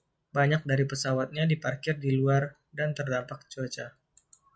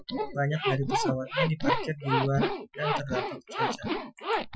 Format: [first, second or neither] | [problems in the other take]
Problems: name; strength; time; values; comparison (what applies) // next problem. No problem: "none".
first | noise reduction (classical method Wiener filter)